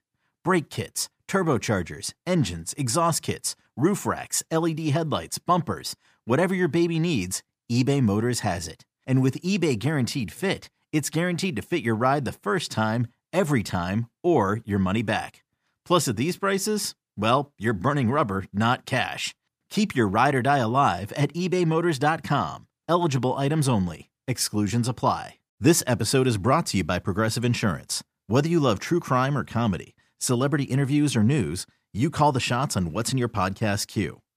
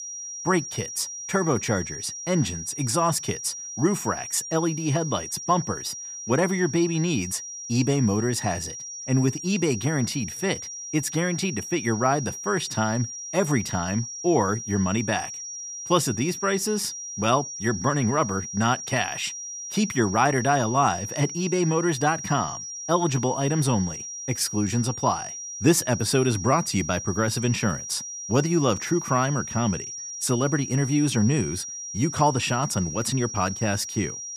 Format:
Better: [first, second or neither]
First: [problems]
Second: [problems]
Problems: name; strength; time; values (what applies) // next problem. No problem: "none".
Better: first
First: none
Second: high-pitched whine; loud; throughout; 5.5 kHz, 8 dB below the speech